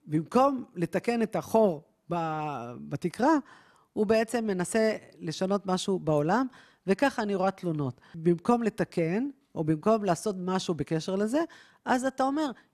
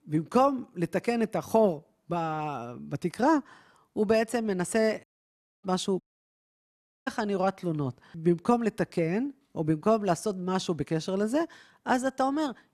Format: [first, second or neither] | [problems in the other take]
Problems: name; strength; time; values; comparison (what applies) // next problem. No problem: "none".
first | audio cutting out; at 5 s for 0.5 s and at 6 s for 1 s